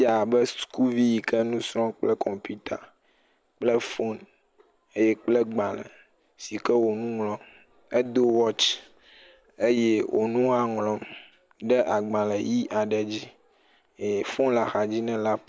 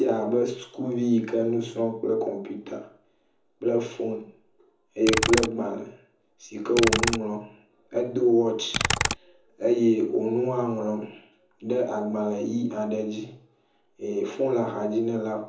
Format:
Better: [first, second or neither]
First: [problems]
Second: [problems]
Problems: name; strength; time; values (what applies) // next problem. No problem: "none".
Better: first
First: none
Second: background sound (Computer keyboard); 4 dB below the speech // room echo; dies away in 0.6 s